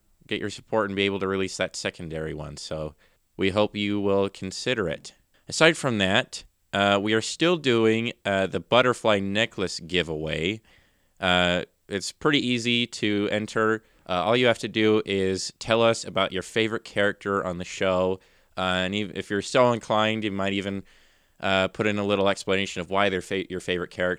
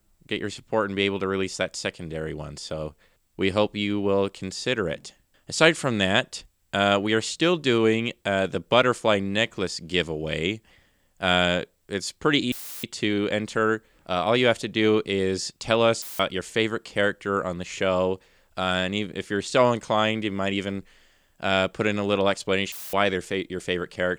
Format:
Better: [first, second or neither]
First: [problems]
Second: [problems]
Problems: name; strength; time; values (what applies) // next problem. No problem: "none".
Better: first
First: none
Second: audio cutting out; filled with static; at 13 s, at 16 s and at 23 s